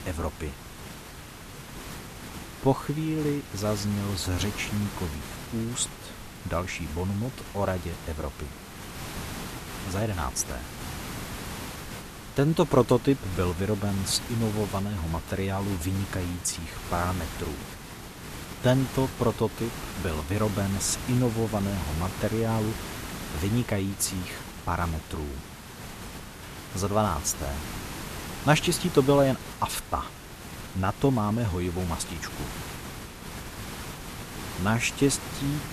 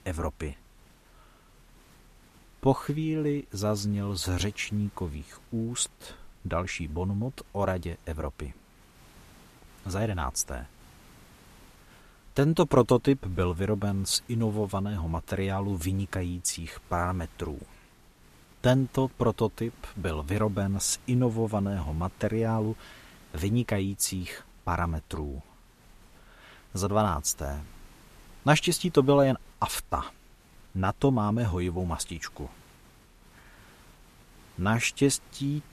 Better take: second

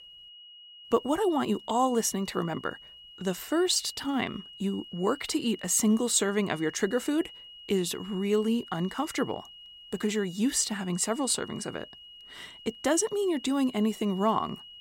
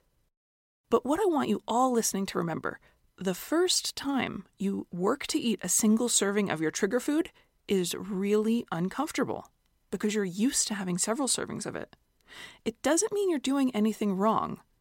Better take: second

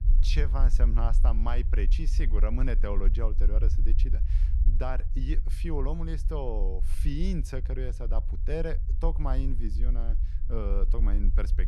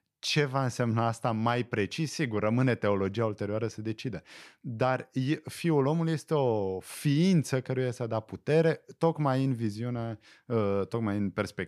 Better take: second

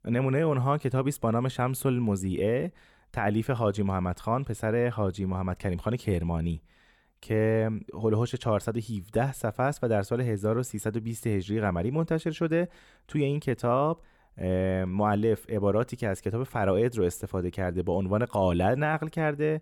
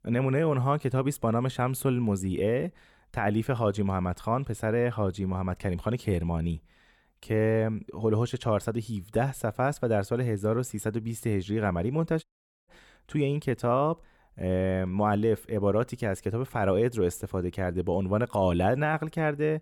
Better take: first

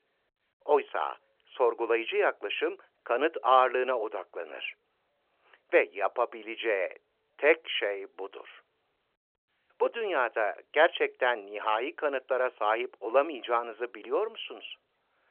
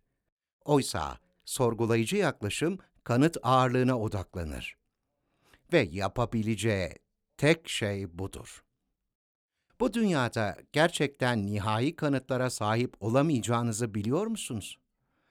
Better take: second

